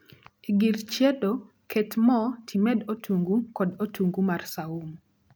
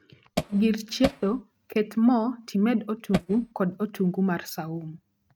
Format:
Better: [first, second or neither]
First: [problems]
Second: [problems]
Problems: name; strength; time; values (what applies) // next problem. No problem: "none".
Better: first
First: none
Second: noise reduction (neural mask model RNNoise)